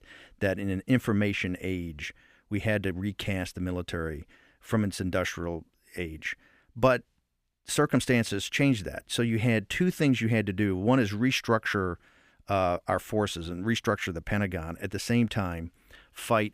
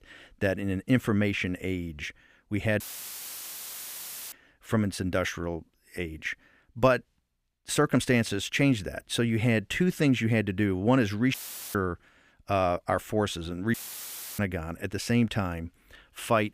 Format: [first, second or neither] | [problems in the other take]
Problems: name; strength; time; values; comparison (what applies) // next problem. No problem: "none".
first | audio cutting out; filled with static; at 3 s for 1.5 s, at 11 s and at 14 s for 0.5 s